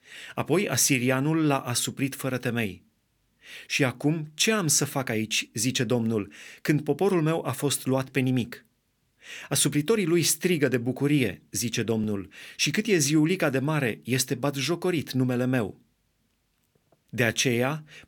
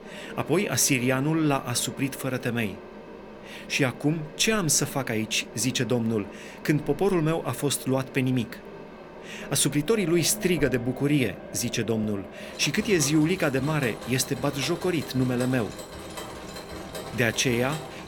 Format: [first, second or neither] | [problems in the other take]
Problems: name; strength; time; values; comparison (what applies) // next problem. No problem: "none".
first | machinery noise; noticeable; throughout; 15 dB below the speech